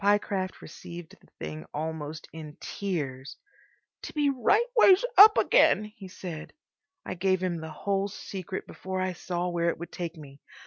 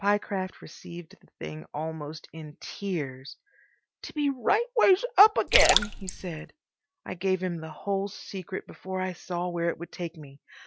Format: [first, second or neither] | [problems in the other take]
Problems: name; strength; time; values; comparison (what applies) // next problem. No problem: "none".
first | background sound (Splash, splatter); 2 dB above the speech